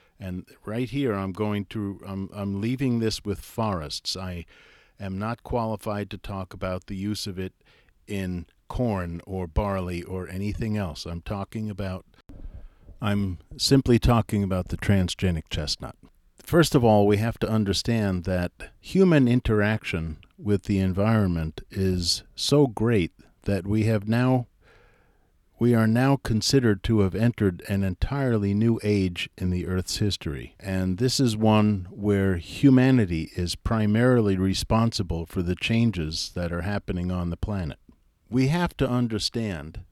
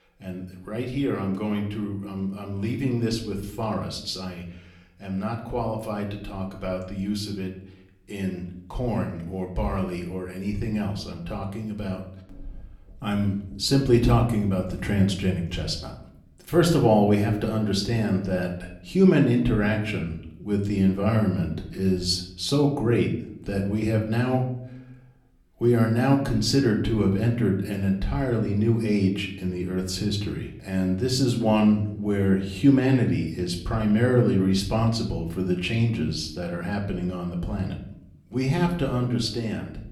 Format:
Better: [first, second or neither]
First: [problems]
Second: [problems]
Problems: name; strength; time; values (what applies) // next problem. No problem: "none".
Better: first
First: none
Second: room echo; slight; dies away in 0.5 s // off-mic speech; somewhat distant